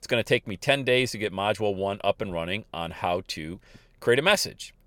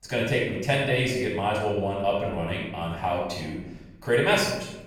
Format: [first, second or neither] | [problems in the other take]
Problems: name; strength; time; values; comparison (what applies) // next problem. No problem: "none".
first | off-mic speech; far // room echo; noticeable; dies away in 0.8 s